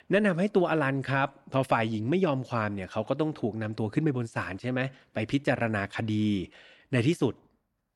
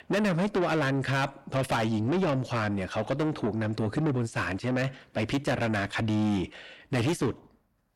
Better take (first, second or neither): first